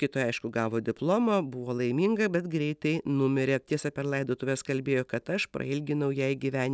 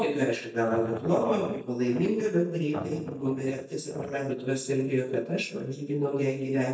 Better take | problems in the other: first | noise reduction (neural mask model DeepFilterNet 3)

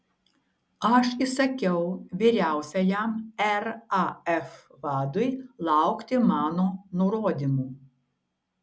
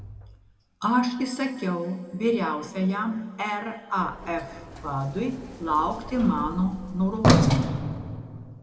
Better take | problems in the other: first | background sound (Sliding door); 3 dB below the speech // room echo; dies away in 1.8 s

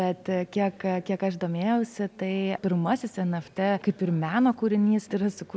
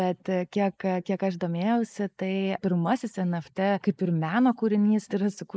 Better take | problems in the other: first | noise reduction (neural mask model Resemble Enhance denoiser)

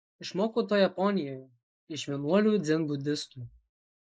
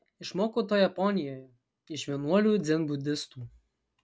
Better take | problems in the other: second | noise reduction (neural mask model Resemble Enhance denoiser)

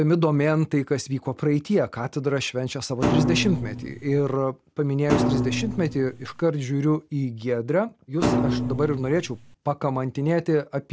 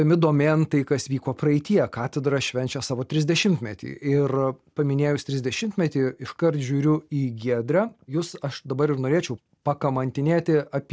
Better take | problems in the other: second | background sound (Thump, thud); 1 dB below the speech

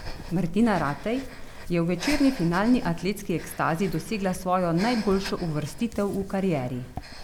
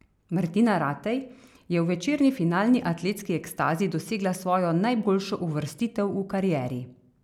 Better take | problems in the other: second | background sound (Breathing); 11 dB below the speech

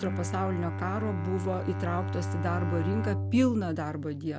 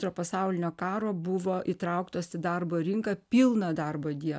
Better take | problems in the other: second | background sound (Bowed string instrument); 2 dB below the speech

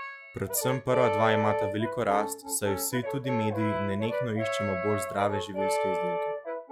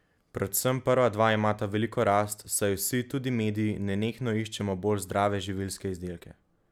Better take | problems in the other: second | noise reduction (classical method log-MMSE)

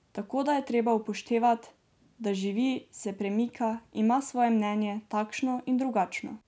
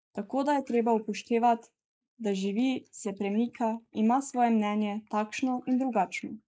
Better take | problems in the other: first | noise reduction (neural mask model Resemble Enhance denoiser)

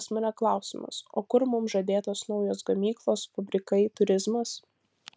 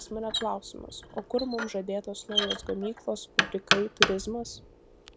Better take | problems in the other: first | background sound (Knock); 1 dB above the speech

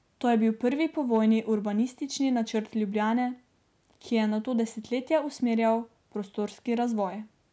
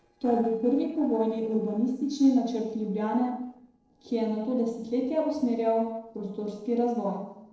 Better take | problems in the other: first | noise reduction (neural separator model SepFormer DNS4)

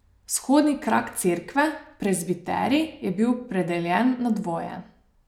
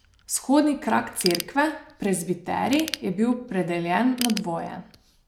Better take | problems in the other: first | background sound (Ratchet, pawl / Tools); 13 dB below the speech

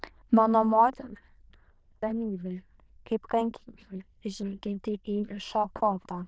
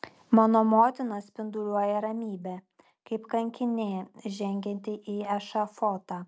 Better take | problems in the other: second | noise reduction (neural diffusion model UNIVERSE++)

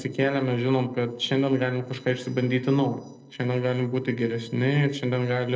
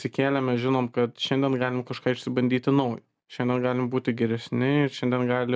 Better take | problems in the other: second | noise reduction (neural separator model SepFormer DNS4)

